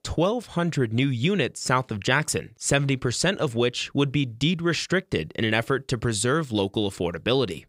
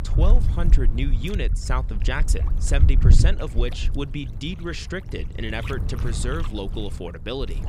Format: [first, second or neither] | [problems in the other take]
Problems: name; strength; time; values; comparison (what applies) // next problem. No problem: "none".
first | wind noise on the microphone; heavy; 8 dB below the speech